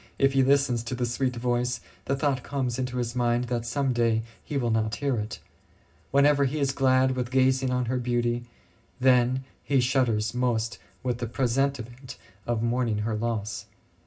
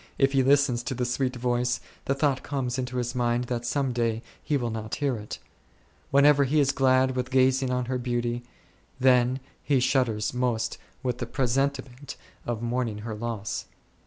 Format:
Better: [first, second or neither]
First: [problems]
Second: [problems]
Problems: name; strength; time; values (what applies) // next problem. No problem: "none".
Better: second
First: room echo; dies away in 0.4 s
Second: none